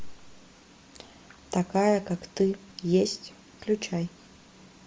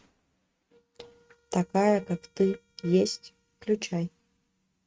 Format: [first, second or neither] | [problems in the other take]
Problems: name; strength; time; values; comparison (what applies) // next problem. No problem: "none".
first | noise reduction (neural mask model RNNoise)